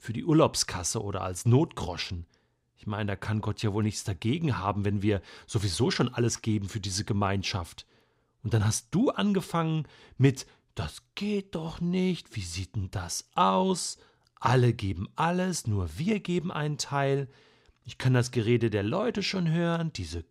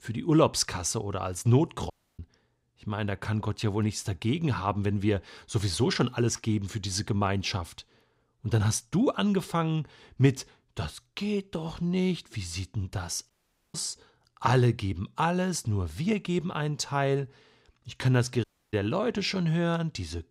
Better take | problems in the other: first | audio cutting out; at 2 s, at 13 s and at 18 s

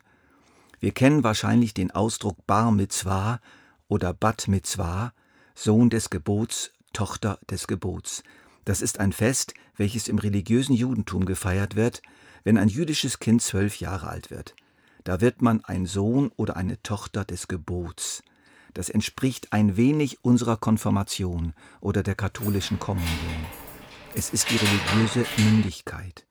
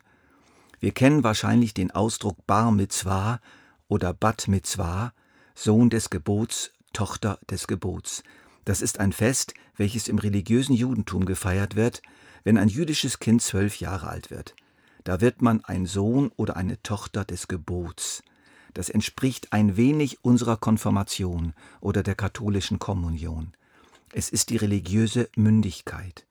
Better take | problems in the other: second | jangling keys; loud; from 22 to 26 s; peak 2 dB above the speech

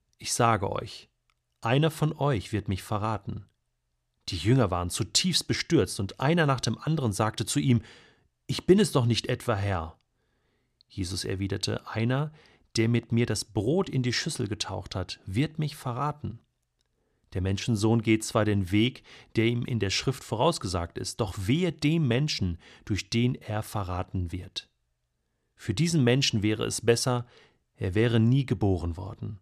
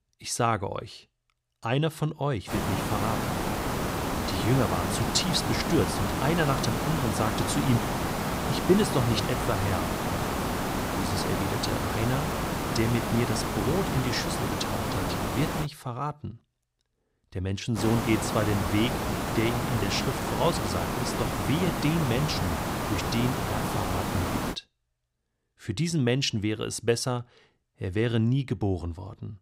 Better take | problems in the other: first | hiss; loud; from 2.5 to 16 s and from 18 to 25 s; as loud as the speech

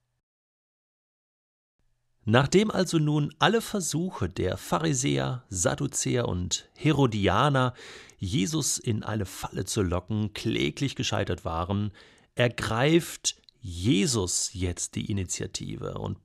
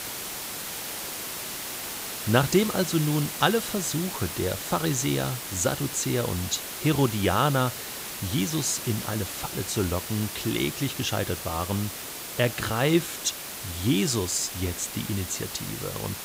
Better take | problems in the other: first | hiss; loud; throughout; 6 dB below the speech

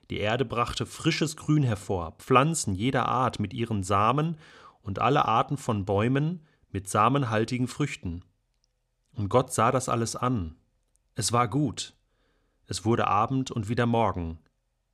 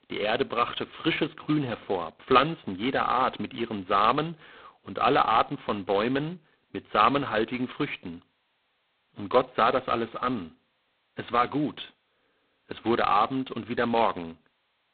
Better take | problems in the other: first | phone-call audio; poor line; nothing above 4 kHz

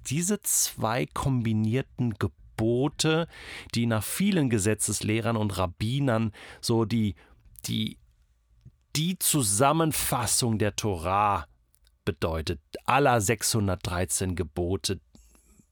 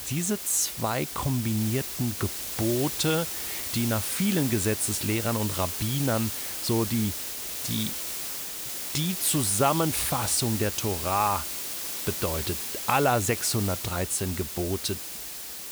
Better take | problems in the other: first | hiss; loud; throughout; 3 dB below the speech

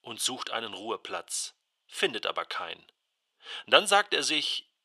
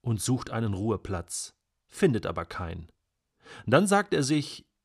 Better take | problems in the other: second | thin; very; fading below 650 Hz

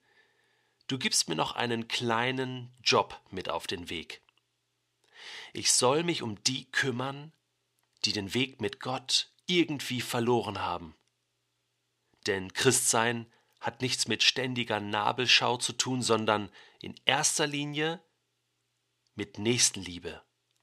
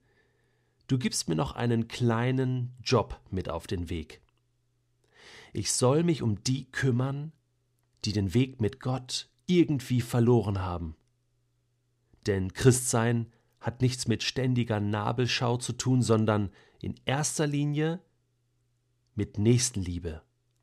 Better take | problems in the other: second | thin; somewhat; fading below 600 Hz

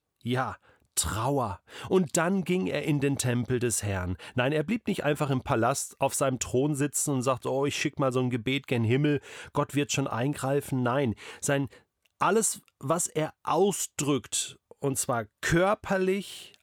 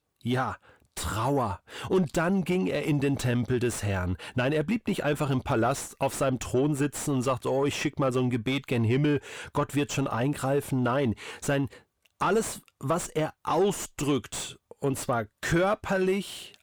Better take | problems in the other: first | distortion; slight; 10 dB below the speech

